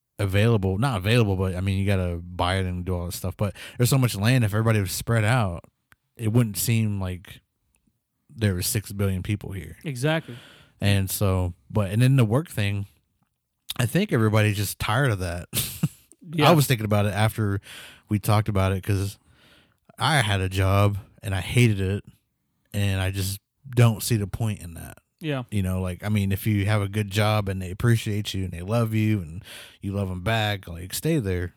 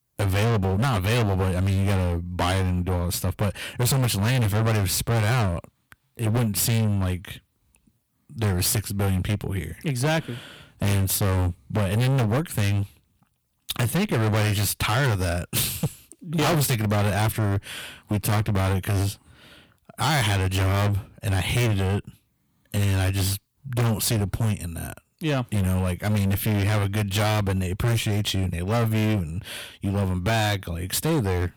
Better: first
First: none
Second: distortion; heavy; 24% of the sound clipped

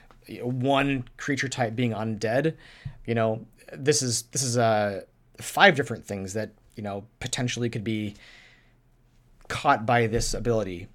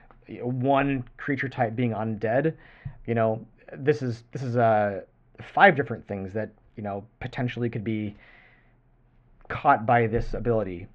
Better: first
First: none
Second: muffled; very; fading above 2.5 kHz

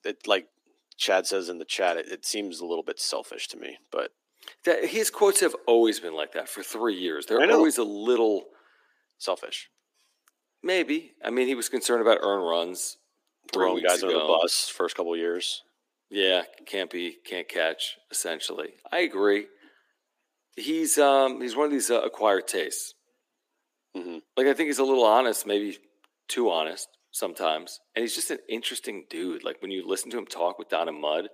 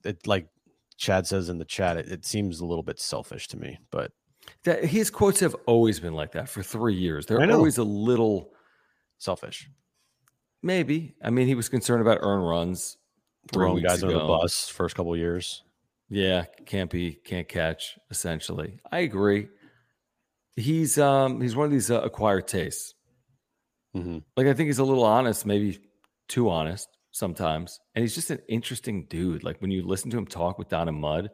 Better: second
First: thin; somewhat; fading below 300 Hz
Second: none

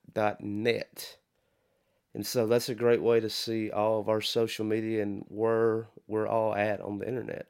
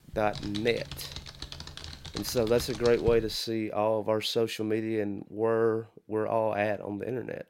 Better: first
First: none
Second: keyboard typing; noticeable; until 3.5 s; peak 9 dB below the speech

